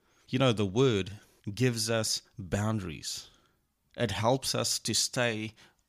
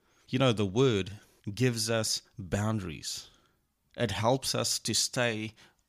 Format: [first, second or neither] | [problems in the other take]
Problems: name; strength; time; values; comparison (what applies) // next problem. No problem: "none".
neither | none